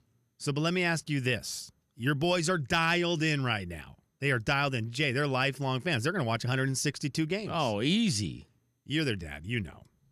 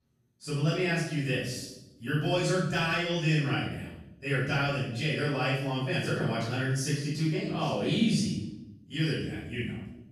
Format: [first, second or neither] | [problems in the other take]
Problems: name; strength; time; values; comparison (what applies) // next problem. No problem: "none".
first | off-mic speech; far // room echo; strong; dies away in 0.8 s